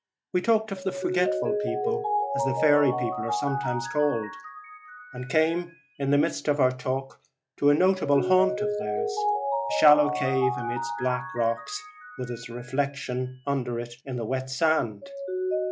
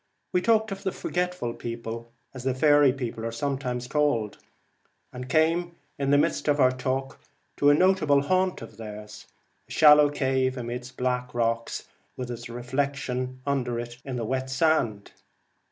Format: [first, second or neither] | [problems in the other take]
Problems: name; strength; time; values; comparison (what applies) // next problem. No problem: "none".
second | noise reduction (classical method log-MMSE)